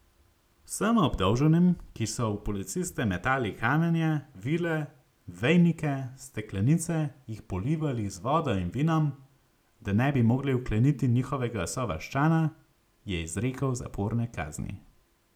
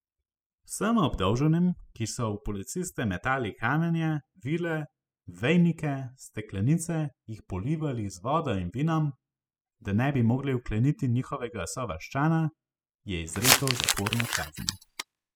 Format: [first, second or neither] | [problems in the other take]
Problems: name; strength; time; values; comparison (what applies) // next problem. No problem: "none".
first | noise reduction (classical method spectral subtraction)